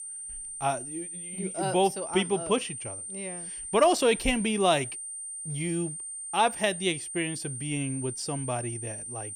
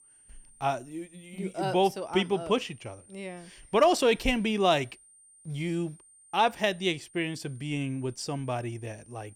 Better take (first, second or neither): second